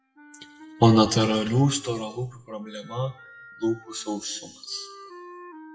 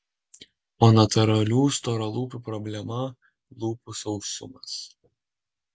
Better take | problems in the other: second | noise reduction (classical method WPE with log-MMSE)

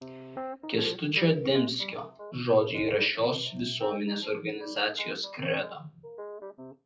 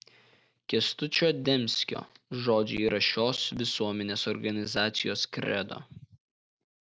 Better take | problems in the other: second | noise reduction (classical method WPE with log-MMSE)

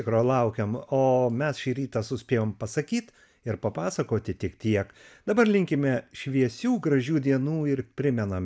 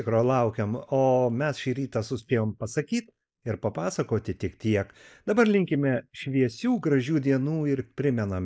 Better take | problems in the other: first | noise reduction (neural mask model Resemble Enhance denoiser)

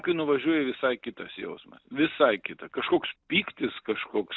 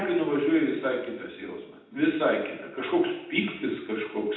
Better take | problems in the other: first | room echo; dies away in 0.8 s

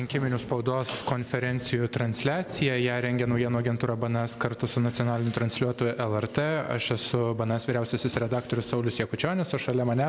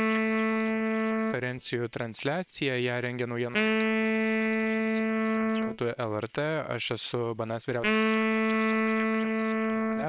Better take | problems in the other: first | noise reduction (neural separator model SepFormer WHAM!)

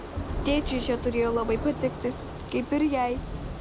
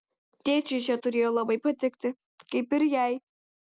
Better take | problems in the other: second | background sound (Thunder / Rain); 6 dB below the speech

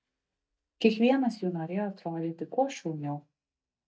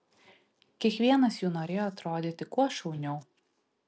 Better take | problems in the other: second | noise reduction (neural mask model DeepFilterNet 3)

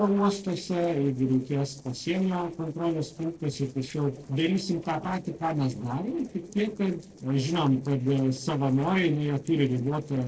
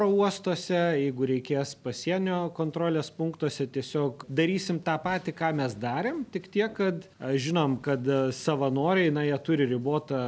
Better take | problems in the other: second | noise reduction (neural separator model SepFormer DNS4)

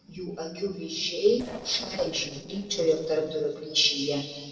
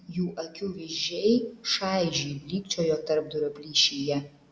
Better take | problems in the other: second | noise reduction (neural separator model SepFormer DNS4)

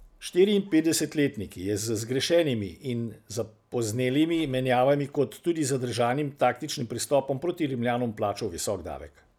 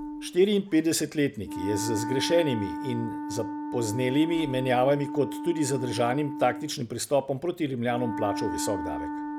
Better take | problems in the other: first | background sound (Wind instrument, woodwind instrument); 7 dB below the speech

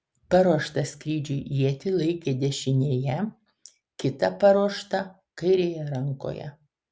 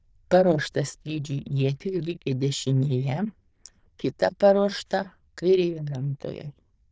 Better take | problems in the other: first | noise reduction (neural diffusion model UNIVERSE++)

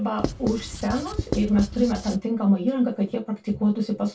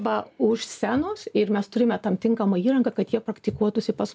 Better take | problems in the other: second | background sound (Writing); 7 dB below the speech // room echo; dies away in 0.2 s

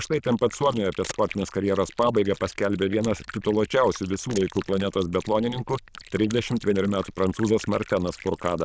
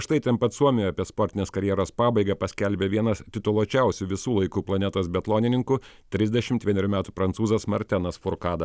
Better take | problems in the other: second | noise reduction (neural diffusion model UNIVERSE++)

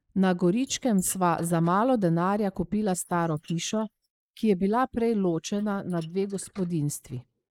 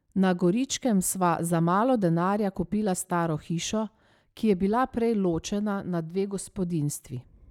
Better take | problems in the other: second | noise reduction (neural mask model Resemble Enhance denoiser)

